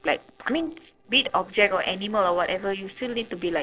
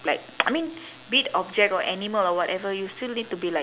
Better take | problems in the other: second | noise reduction (neural separator model SepFormer DNS4)

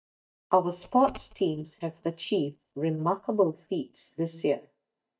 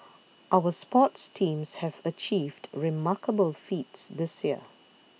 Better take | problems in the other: second | noise reduction (neural mask model DeepFilterNet 3)

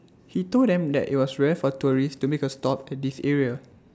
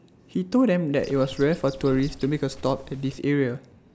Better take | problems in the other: first | background sound (Bird); 16 dB below the speech

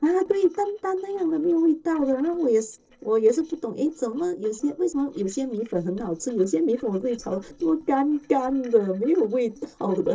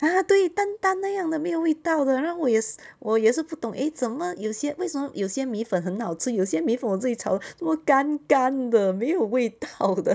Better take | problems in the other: second | noise reduction (neural separator model SepFormer DNS4)

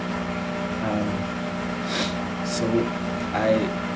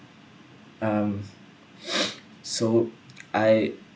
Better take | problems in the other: second | background sound (Engine); 2 dB above the speech

